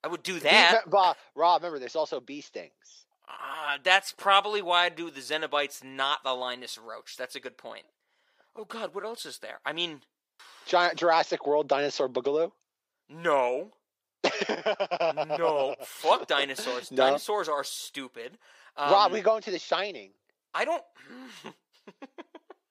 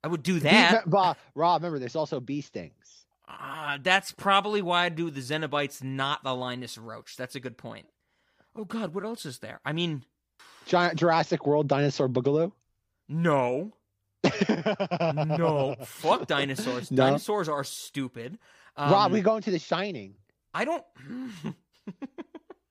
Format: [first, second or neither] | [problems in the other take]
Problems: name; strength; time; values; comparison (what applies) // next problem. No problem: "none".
second | thin; somewhat; fading below 500 Hz